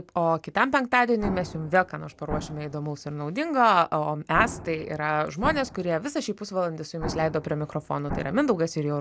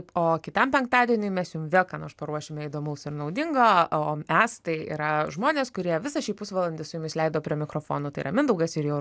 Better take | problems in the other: second | background sound (Explosion); 11 dB below the speech

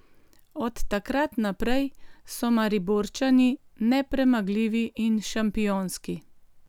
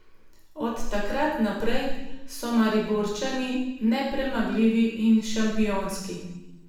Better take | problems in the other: first | room echo; dies away in 0.8 s

